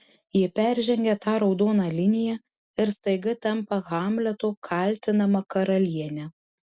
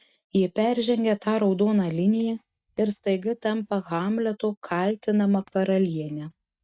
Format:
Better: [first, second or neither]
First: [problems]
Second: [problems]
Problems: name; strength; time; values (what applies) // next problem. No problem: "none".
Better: first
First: none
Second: noise reduction (neural mask model DeepFilterNet 3)